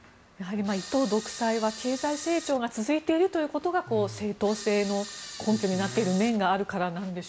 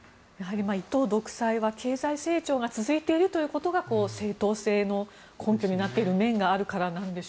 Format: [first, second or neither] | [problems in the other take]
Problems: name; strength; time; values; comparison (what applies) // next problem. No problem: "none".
second | background sound (Camera); 13 dB below the speech